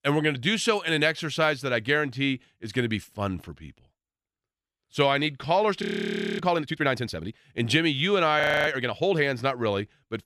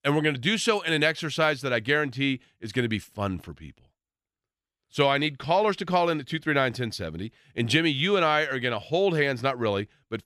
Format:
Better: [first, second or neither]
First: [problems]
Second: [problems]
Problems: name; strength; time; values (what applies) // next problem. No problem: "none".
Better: second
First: audio freezing; at 6 s for 0.5 s and at 8.5 s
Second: none